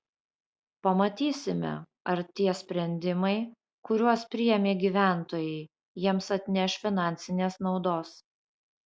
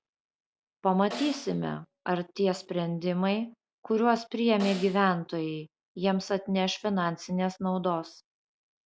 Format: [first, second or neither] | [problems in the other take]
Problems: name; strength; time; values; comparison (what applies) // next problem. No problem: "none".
first | background sound (Snare drum); 14 dB below the speech